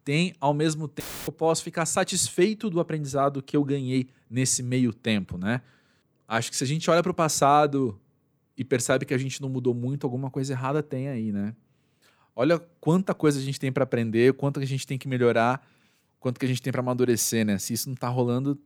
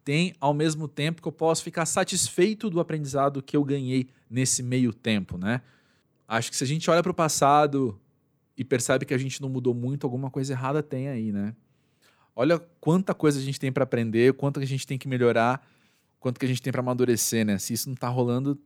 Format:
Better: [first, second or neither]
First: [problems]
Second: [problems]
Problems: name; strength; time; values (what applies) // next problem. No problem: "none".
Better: second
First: audio cutting out; filled with static; at 1 s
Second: none